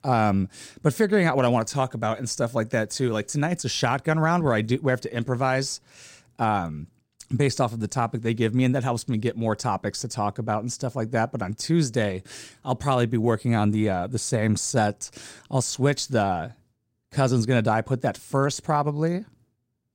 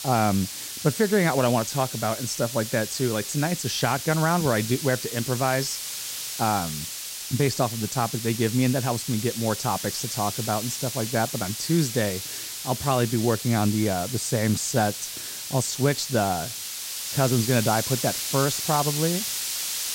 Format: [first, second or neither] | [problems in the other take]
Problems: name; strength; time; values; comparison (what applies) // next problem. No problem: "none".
first | hiss; loud; throughout; 5 dB below the speech